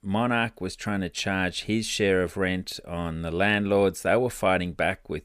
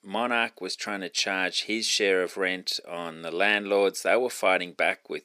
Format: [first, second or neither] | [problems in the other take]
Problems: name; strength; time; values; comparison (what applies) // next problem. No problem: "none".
first | thin; somewhat; fading below 300 Hz